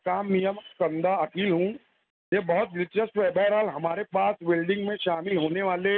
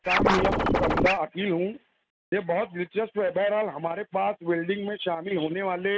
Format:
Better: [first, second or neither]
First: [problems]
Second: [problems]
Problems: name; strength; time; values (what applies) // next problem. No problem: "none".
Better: first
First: none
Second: background sound (Scratching (performance technique)); 4 dB above the speech